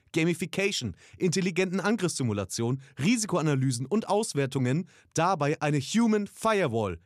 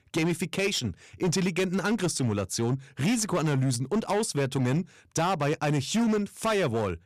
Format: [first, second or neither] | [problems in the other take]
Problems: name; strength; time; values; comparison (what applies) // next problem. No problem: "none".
first | distortion; slight; 15% of the sound clipped